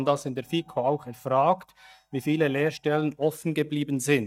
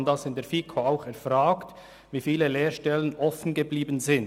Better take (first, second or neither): second